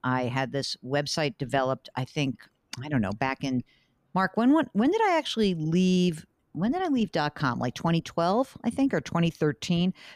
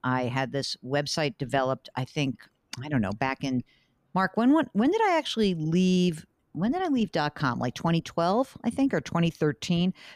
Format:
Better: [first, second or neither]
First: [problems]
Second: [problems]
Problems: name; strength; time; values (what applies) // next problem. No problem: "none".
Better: neither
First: none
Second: none